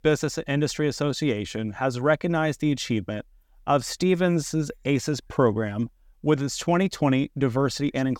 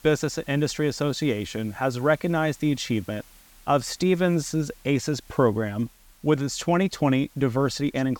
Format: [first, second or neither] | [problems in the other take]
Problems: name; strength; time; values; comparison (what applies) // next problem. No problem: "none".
first | hiss; faint; throughout; 25 dB below the speech